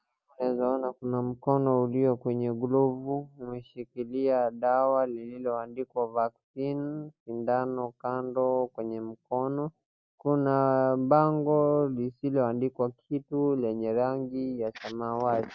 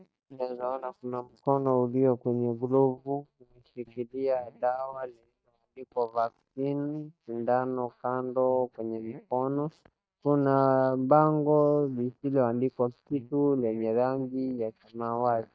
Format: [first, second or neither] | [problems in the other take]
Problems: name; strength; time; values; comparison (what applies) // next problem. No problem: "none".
first | noise reduction (neural mask model DeepFilterNet 3)